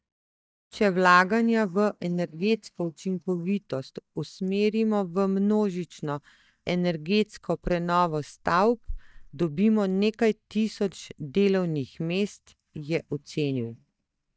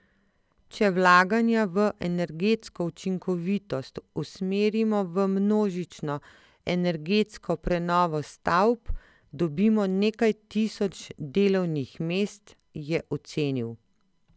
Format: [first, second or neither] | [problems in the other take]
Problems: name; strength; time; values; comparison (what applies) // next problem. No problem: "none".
second | noise reduction (neural mask model DeepFilterNet 3)